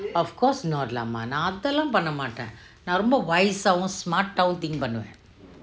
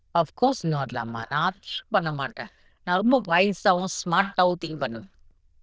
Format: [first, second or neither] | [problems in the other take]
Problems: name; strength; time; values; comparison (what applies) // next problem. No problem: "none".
first | noise reduction (neural diffusion model UNIVERSE++)